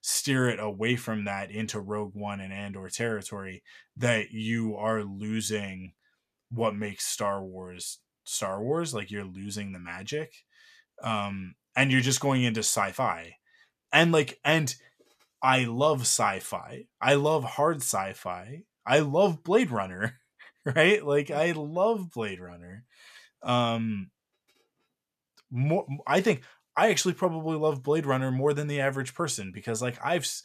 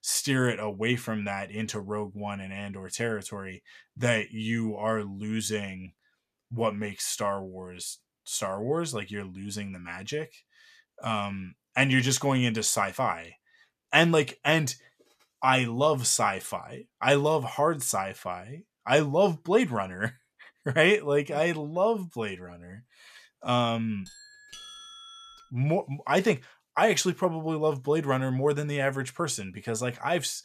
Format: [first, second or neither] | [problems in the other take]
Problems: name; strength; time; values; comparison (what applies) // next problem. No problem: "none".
first | doorbell; faint; from 24 to 25 s; peak 15 dB below the speech